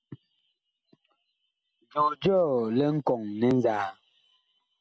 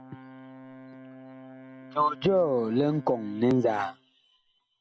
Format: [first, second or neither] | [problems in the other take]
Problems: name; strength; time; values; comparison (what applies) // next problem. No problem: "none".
first | background sound (Brass instrument); 18 dB below the speech